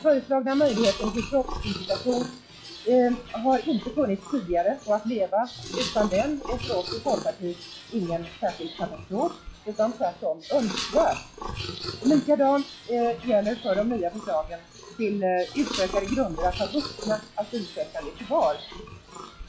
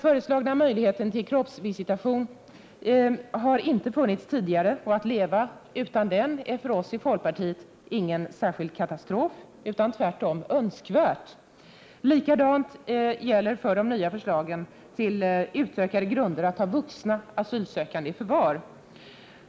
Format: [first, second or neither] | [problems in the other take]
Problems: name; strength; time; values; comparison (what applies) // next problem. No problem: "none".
second | noise reduction (classical method log-MMSE)